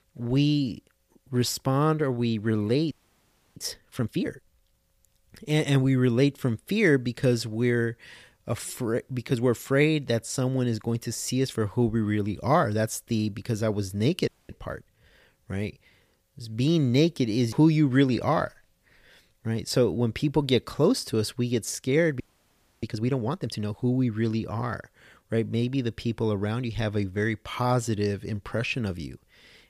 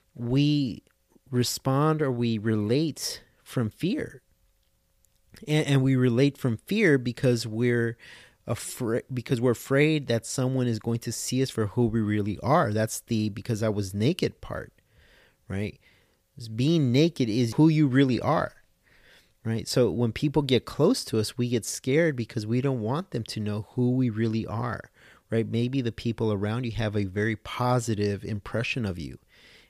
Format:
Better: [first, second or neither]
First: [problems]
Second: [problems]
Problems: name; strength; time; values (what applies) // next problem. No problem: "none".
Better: second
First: audio freezing; at 3 s for 0.5 s, at 14 s and at 22 s for 0.5 s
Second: none